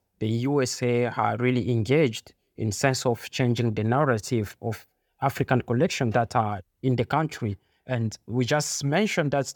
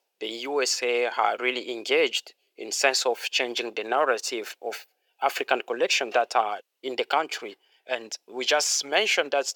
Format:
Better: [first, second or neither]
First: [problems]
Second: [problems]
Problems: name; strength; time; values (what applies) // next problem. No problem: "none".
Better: first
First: none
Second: thin; very; fading below 400 Hz